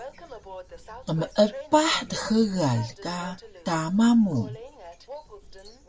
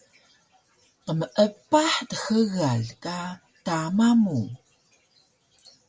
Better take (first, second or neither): second